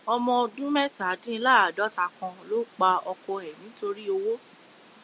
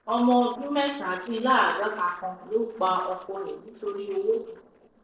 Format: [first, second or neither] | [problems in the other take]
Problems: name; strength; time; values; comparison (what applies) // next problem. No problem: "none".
first | noise reduction (neural separator model SepFormer DNS4)